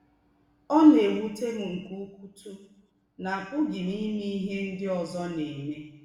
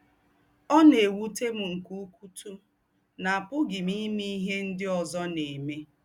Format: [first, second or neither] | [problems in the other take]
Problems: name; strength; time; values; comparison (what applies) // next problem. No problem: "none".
second | room echo; dies away in 0.9 s